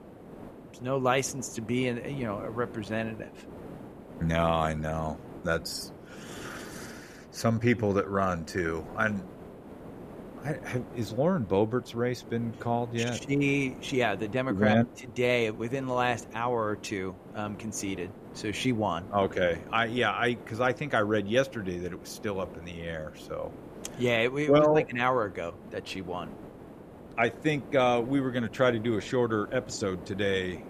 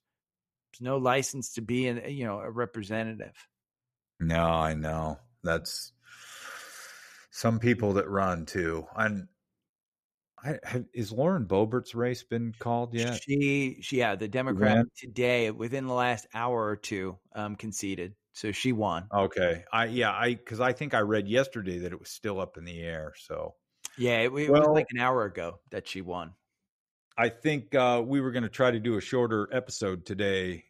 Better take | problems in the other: second | hiss; noticeable; throughout; 15 dB below the speech

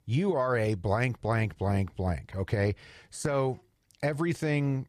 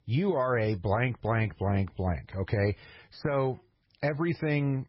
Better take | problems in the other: first | garbled, watery; badly; nothing above 5.5 kHz

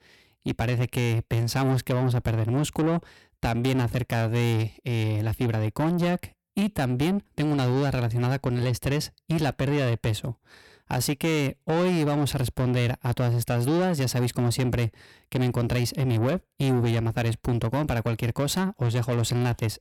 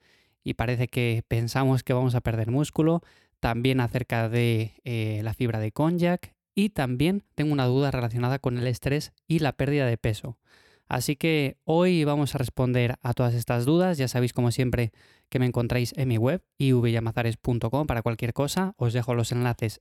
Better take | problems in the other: second | distortion; slight; 10 dB below the speech

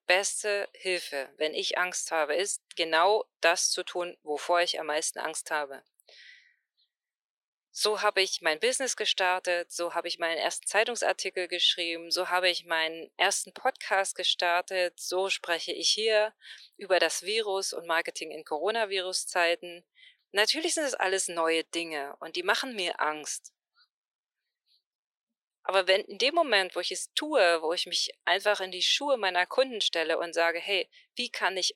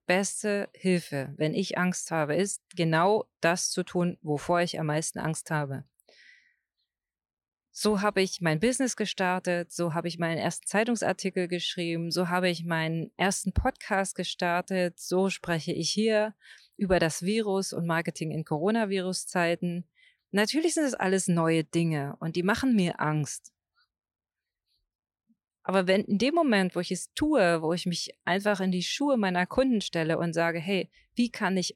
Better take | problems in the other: second | thin; very; fading below 400 Hz

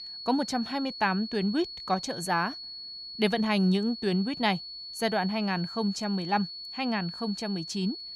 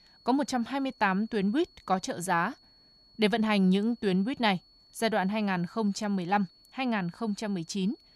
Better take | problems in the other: second | high-pitched whine; loud; throughout; 4.5 kHz, 9 dB below the speech; faint in the second

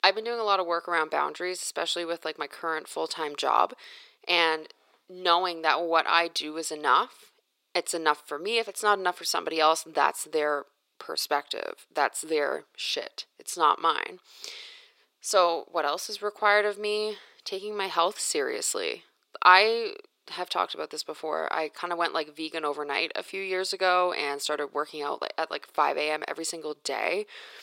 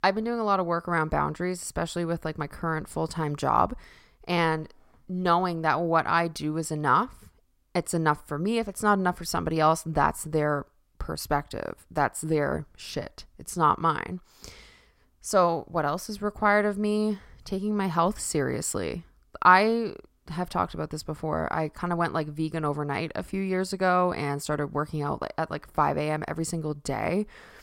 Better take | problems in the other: second | thin; very; fading below 400 Hz

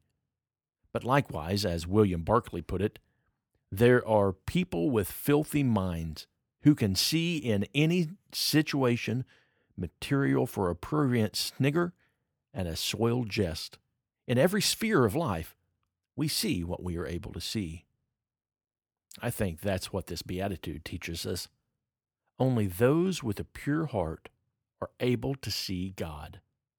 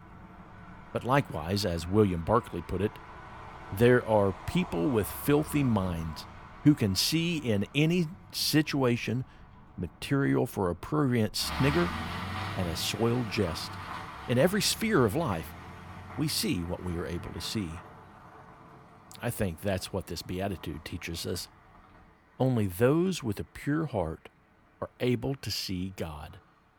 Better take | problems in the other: first | traffic noise; noticeable; throughout; 15 dB below the speech

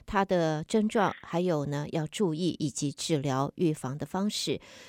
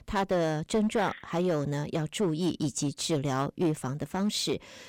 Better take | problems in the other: first | distortion; slight; 6% of the sound clipped

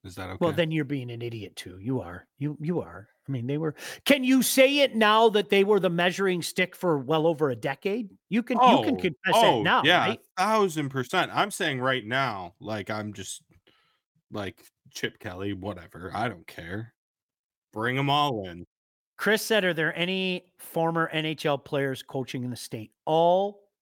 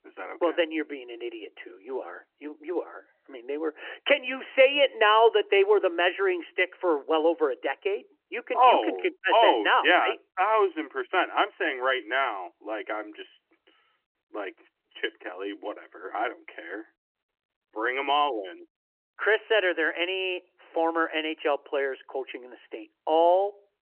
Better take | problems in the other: first | phone-call audio; nothing above 3 kHz

